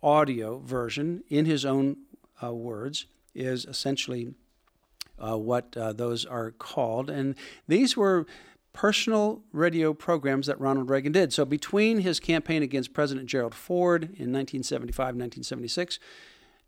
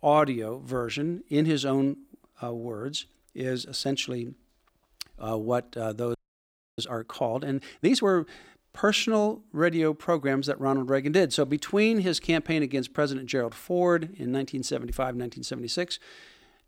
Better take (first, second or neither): first